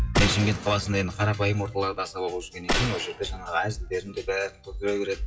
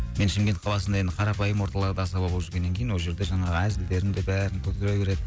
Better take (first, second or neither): second